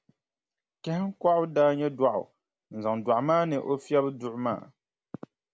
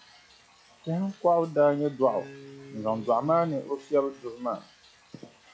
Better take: first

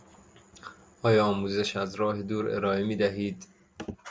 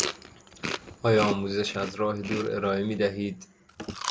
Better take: first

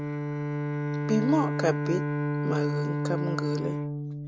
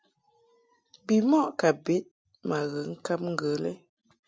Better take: second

